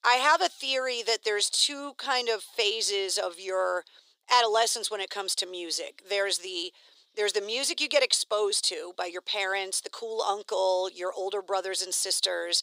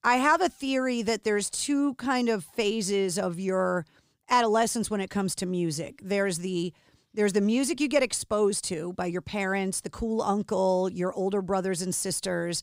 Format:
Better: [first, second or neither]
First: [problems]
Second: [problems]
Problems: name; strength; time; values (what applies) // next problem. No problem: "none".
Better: second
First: thin; very; fading below 400 Hz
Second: none